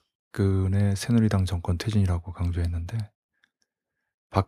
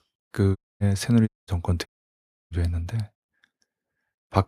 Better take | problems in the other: first | audio cutting out; at 0.5 s, at 1.5 s and at 2 s for 0.5 s

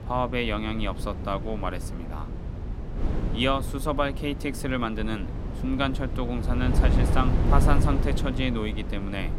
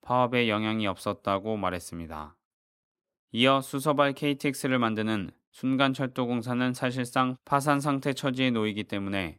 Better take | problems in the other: second | wind noise on the microphone; heavy; 9 dB below the speech

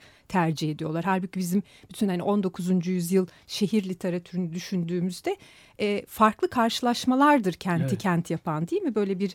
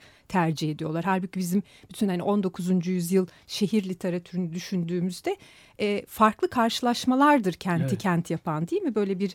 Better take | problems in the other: neither | none

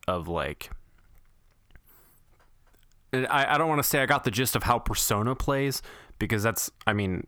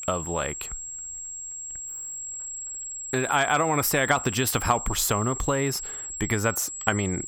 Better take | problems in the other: first | high-pitched whine; loud; throughout; 7.5 kHz, 7 dB below the speech

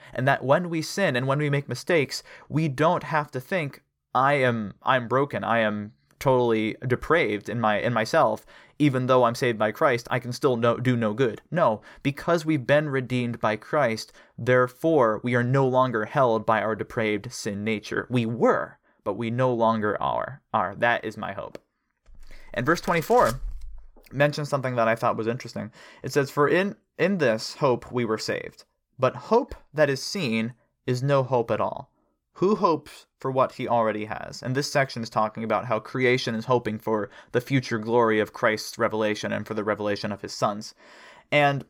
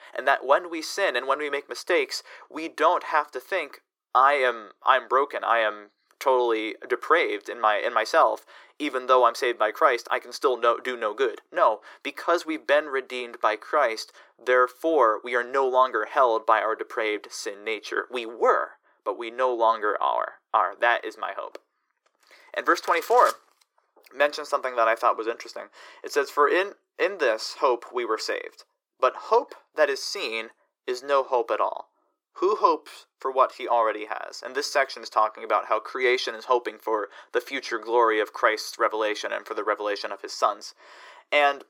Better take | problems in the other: first | thin; very; fading below 350 Hz

